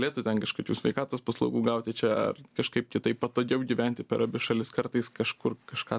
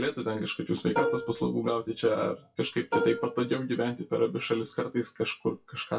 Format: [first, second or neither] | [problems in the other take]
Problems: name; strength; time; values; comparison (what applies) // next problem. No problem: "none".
first | noise reduction (classical method WPE with log-MMSE)